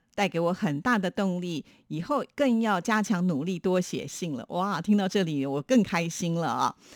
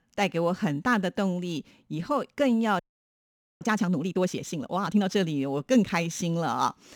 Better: first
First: none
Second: audio freezing; at 3 s for 1 s

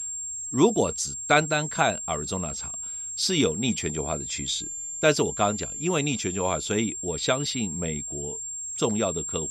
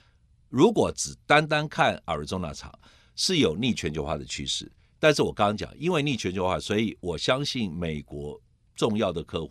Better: second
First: high-pitched whine; loud; throughout; 7.5 kHz, 5 dB below the speech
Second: none

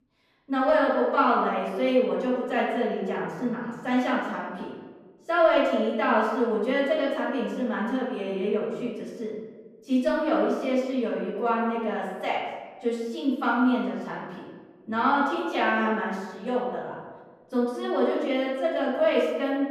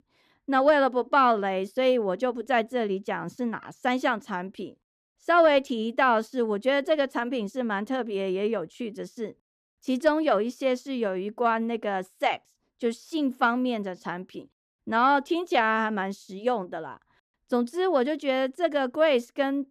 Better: second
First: off-mic speech; far // room echo; noticeable; dies away in 1.1 s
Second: none

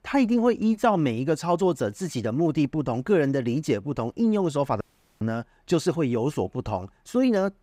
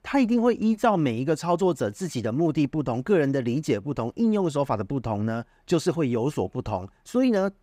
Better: second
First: audio cutting out; at 5 s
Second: none

